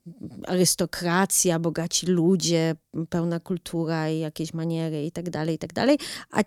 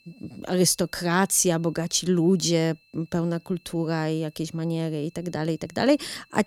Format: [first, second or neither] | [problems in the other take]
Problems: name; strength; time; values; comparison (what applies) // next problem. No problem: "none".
first | high-pitched whine; faint; throughout; 2.5 kHz, 35 dB below the speech